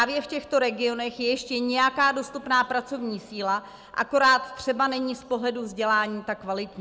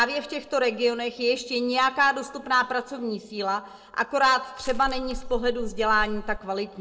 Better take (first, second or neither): first